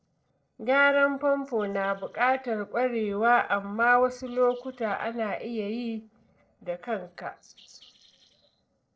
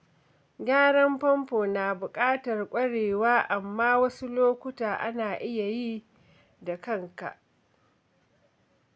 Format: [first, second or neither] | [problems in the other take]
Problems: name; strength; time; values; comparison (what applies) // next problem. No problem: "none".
second | noise reduction (neural separator model SepFormer DNS4)